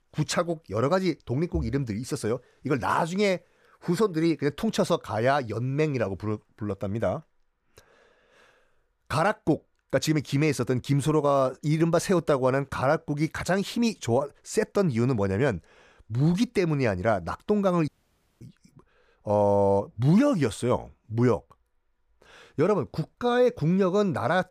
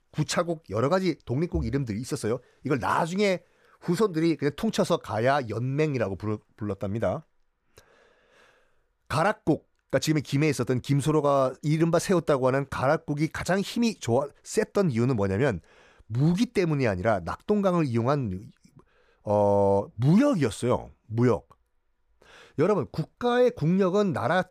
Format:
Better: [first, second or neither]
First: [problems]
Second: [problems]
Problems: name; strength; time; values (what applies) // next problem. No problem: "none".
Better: second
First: audio cutting out; at 18 s for 0.5 s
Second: none